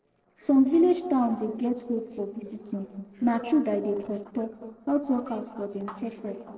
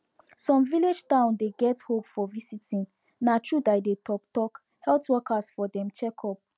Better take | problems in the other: second | noise reduction (neural separator model SepFormer DNS4)

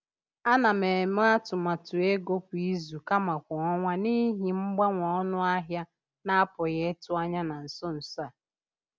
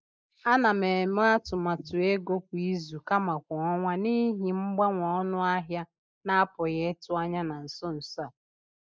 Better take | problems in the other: first | noise reduction (neural mask model Resemble Enhance denoiser)

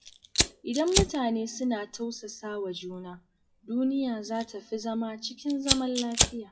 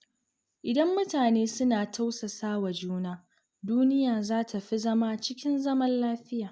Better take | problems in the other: second | noise reduction (classical method WPE with log-MMSE)

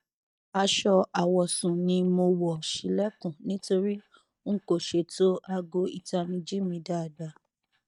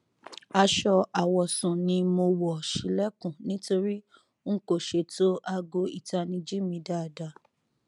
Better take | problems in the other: second | noise reduction (neural mask model DeepFilterNet 3)

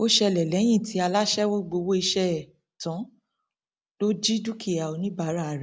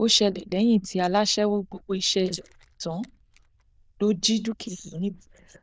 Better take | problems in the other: first | noise reduction (neural diffusion model UNIVERSE++)

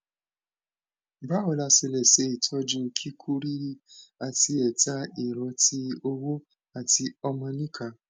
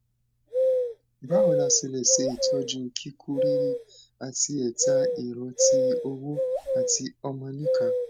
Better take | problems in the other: first | background sound (Bird vocalization, bird call, bird song); 4 dB above the speech

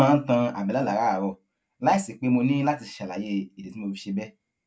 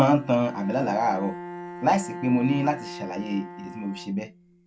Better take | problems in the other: first | background sound (Bowed string instrument); 13 dB below the speech

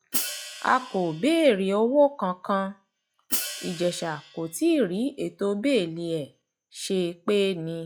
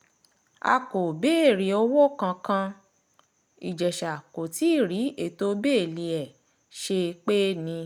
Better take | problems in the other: second | noise reduction (classical method log-MMSE)

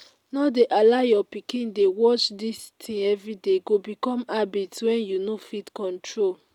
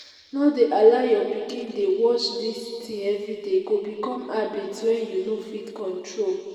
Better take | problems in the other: first | room echo; dies away in 2.2 s

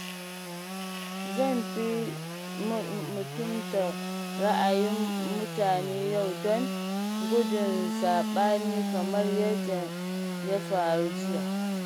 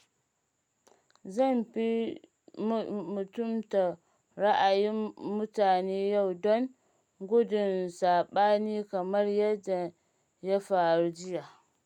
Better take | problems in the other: second | background sound (Sawing / Engine); 2 dB below the speech

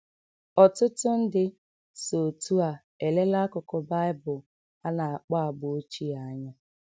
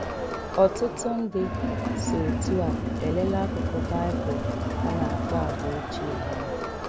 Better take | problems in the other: first | background sound (Crowd); 1 dB above the speech

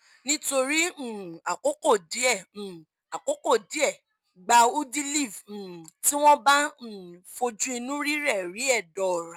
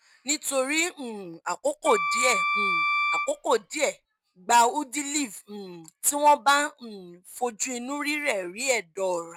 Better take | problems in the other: first | background sound (Wind instrument, woodwind instrument); as loud as the speech

